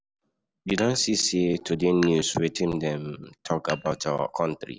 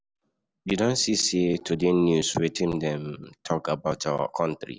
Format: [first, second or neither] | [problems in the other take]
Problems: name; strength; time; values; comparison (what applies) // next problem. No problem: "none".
second | background sound (Dishes, pots, and pans); 16 dB below the speech